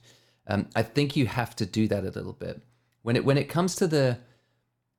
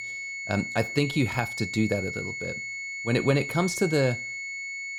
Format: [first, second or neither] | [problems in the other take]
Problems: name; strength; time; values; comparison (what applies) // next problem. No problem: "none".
first | high-pitched whine; loud; throughout; 2 kHz, 5 dB below the speech